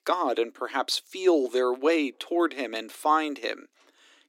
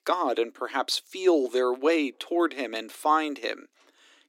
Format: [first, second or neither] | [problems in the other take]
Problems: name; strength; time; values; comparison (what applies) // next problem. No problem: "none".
neither | thin; somewhat; fading below 250 Hz; the same in both